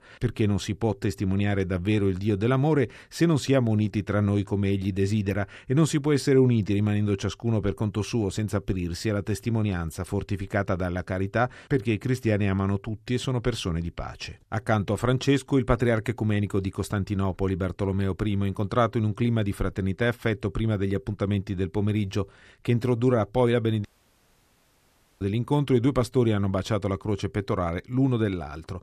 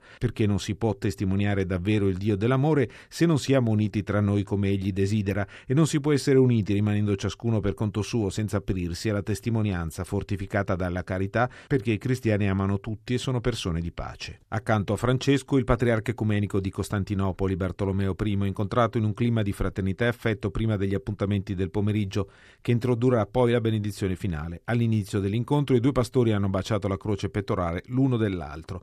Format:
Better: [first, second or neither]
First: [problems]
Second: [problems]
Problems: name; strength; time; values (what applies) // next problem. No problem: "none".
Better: second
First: audio cutting out; at 24 s for 1.5 s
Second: none